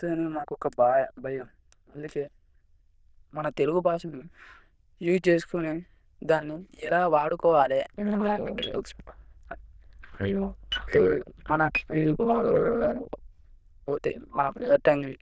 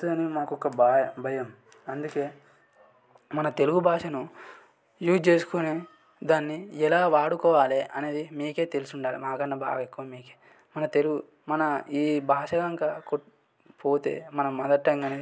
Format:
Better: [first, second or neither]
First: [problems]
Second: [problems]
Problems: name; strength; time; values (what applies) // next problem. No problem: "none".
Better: second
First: noise reduction (neural diffusion model UNIVERSE++)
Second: none